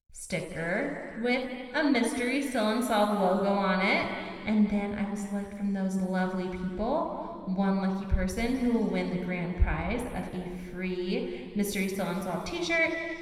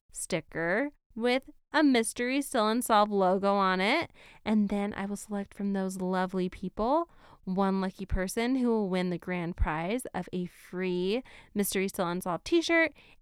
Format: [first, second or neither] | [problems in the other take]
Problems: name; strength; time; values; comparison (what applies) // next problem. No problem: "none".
second | room echo; noticeable; dies away in 2.1 s // off-mic speech; somewhat distant